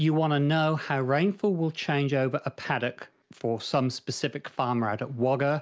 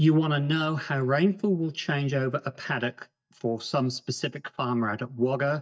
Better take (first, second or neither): first